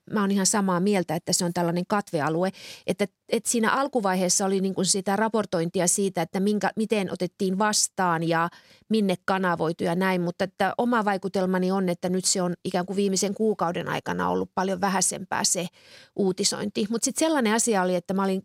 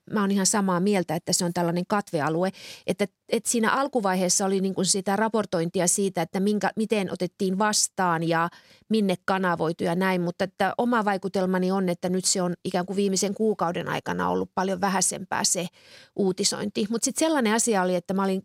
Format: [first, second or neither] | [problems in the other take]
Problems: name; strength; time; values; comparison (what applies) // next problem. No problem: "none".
neither | none